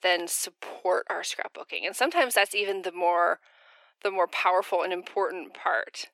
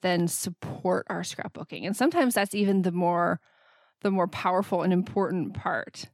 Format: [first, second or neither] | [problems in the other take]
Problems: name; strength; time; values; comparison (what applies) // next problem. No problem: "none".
second | thin; very; fading below 400 Hz